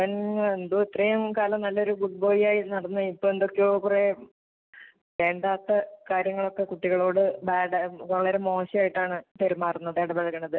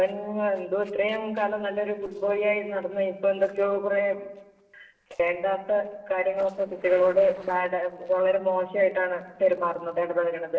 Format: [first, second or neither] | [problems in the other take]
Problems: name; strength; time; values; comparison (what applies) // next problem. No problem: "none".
first | noise reduction (neural separator model SepFormer DNS4)